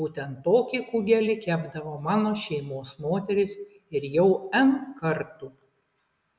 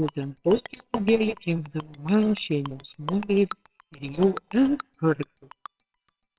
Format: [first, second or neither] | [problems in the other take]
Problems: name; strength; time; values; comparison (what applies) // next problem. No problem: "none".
first | noise reduction (neural separator model SepFormer WHAMR!)